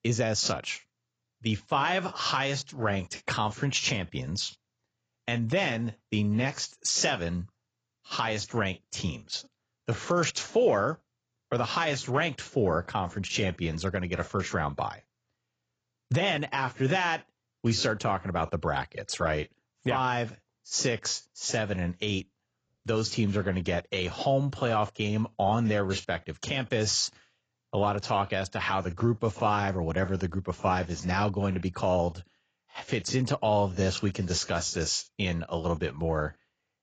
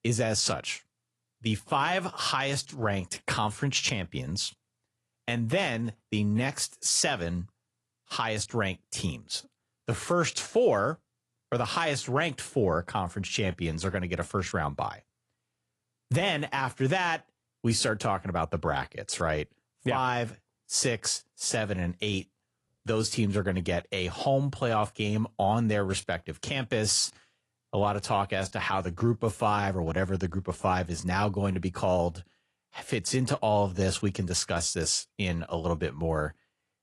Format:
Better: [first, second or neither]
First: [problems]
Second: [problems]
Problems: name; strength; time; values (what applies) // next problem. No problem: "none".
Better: second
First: garbled, watery; badly; nothing above 7.5 kHz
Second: garbled, watery; slightly